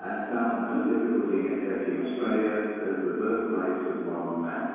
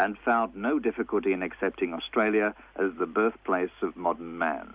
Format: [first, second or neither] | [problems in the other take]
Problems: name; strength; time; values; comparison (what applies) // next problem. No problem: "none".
second | room echo; dies away in 2 s